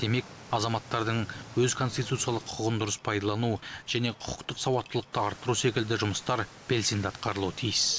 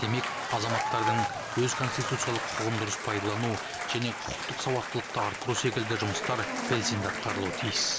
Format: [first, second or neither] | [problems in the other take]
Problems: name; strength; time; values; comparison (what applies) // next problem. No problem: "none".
first | background sound (Applause / Crowd / Cheering); 2 dB below the speech